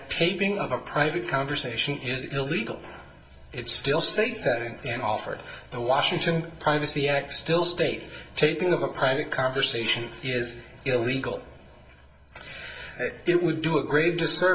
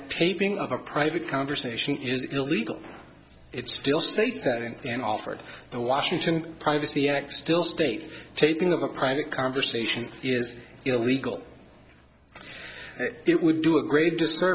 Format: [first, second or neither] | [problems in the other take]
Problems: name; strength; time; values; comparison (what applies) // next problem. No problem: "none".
second | room echo; dies away in 0.6 s